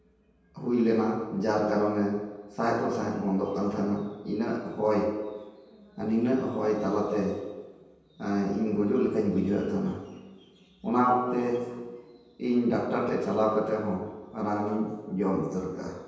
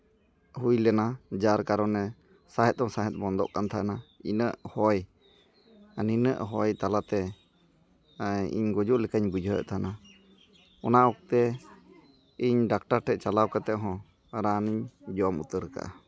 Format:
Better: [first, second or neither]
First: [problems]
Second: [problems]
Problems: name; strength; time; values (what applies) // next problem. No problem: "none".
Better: second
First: room echo; dies away in 1.2 s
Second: none